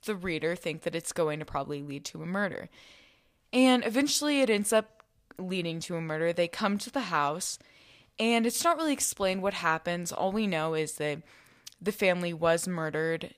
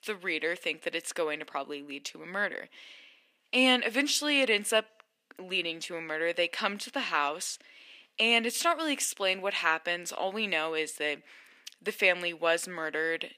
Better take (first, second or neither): first